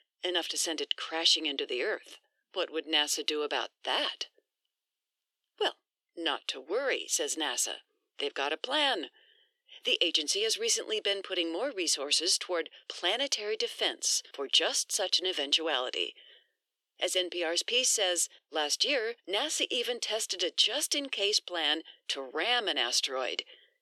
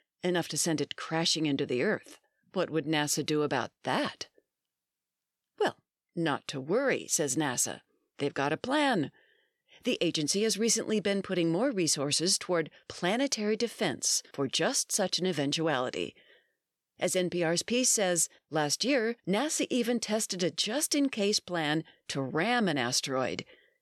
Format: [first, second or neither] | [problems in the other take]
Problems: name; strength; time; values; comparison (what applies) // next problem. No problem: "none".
second | thin; somewhat; fading below 350 Hz